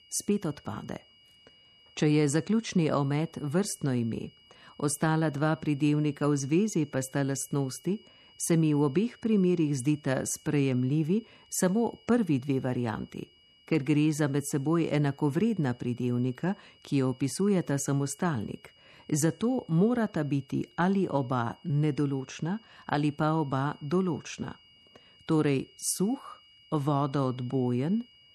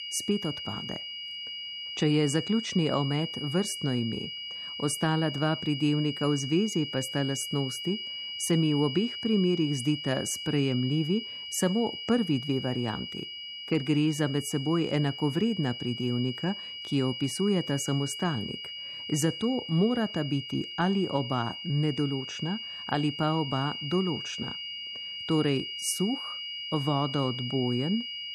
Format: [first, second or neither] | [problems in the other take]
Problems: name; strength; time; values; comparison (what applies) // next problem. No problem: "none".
first | high-pitched whine; loud; throughout; 3 kHz, 6 dB below the speech; faint in the first